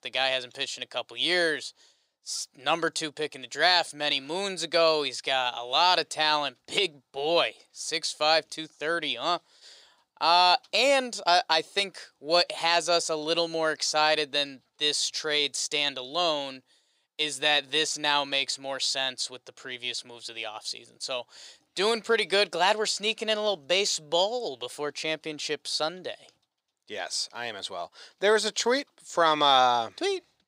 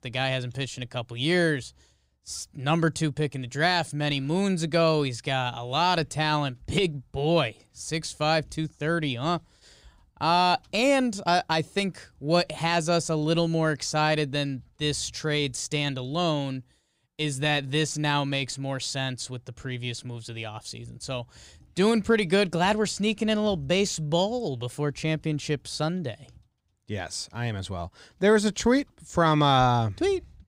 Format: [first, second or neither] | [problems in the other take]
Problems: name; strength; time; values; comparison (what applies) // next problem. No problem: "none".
second | thin; very; fading below 550 Hz